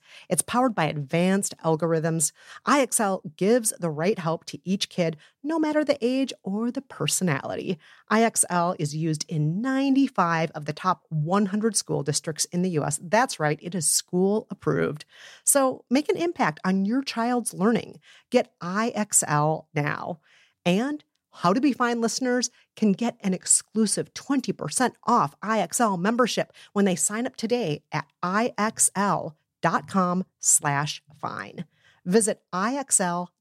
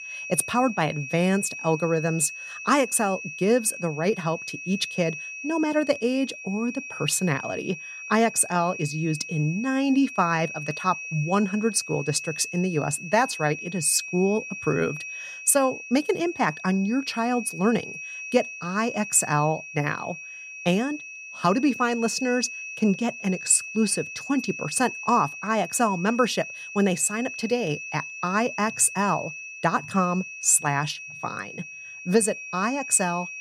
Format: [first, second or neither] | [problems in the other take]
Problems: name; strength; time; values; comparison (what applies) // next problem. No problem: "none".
first | high-pitched whine; noticeable; throughout; 2.5 kHz, 10 dB below the speech